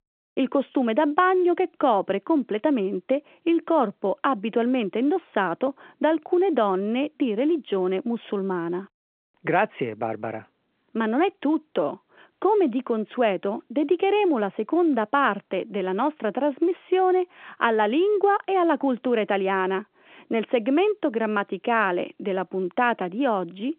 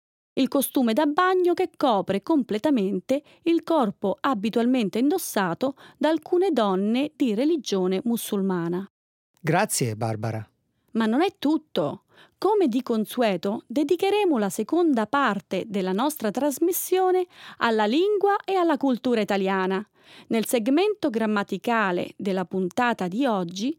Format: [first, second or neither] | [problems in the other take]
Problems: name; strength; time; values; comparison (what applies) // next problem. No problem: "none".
second | phone-call audio